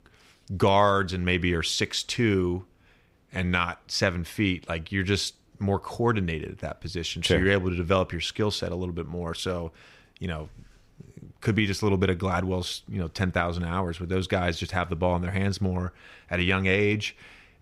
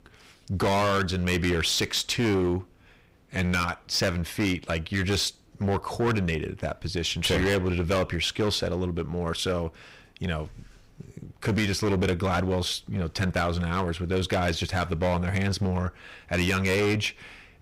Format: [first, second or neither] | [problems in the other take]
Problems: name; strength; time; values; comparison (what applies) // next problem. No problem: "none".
first | distortion; heavy; 13% of the sound clipped